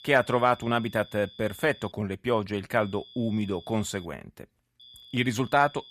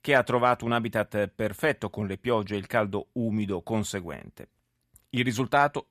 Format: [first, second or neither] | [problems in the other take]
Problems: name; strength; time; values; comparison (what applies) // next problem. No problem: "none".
second | high-pitched whine; faint; until 2 s, from 3 to 4 s and from 5 s on; 3.5 kHz, 20 dB below the speech